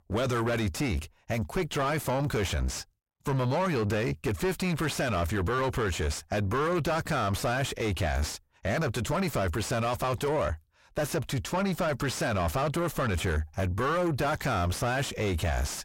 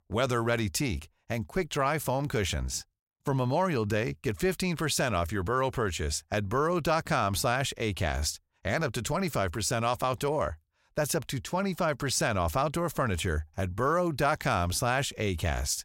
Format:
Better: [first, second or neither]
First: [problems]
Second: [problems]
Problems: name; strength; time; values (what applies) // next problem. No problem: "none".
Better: second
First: distortion; heavy; 5 dB below the speech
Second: none